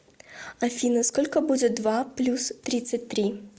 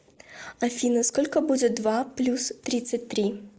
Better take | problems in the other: first | noise reduction (neural mask model Resemble Enhance denoiser)

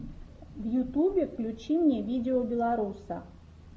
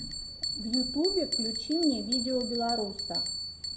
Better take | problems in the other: first | background sound (Bell); 2 dB below the speech

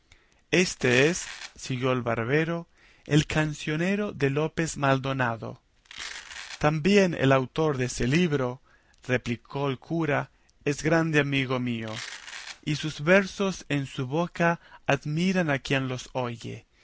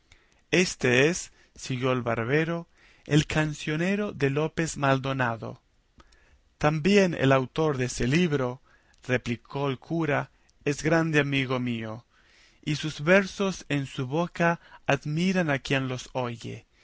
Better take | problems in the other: second | background sound (Domestic sounds, home sounds); 16 dB below the speech

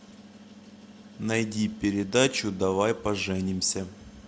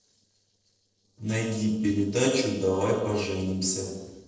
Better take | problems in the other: first | noise reduction (neural separator model SepFormer DNS4)

